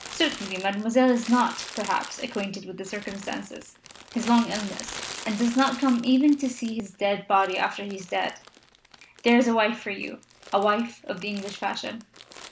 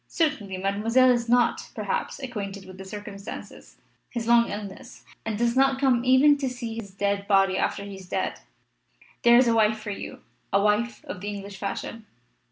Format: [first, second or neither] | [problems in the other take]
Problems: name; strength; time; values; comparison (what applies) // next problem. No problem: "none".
second | background sound (Crumpling, crinkling); 16 dB below the speech